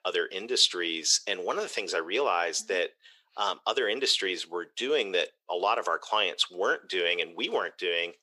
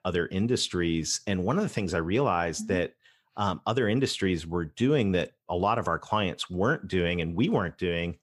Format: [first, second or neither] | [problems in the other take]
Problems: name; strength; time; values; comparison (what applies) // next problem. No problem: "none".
second | thin; very; fading below 400 Hz